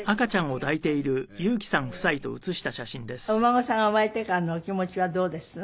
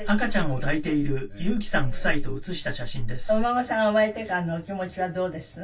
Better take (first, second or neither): first